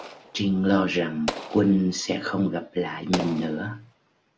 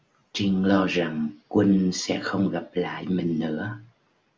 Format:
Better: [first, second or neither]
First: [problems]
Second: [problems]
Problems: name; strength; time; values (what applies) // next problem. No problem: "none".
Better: second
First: background sound (Explosion); 13 dB below the speech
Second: none